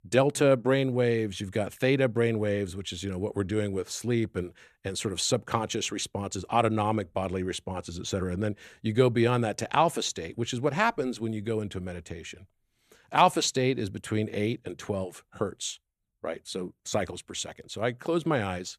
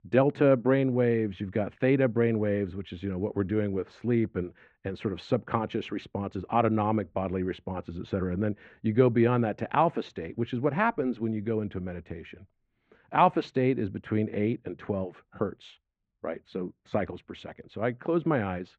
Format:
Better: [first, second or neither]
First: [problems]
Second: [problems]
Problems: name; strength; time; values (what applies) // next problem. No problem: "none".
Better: first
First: none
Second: muffled; very; fading above 2.5 kHz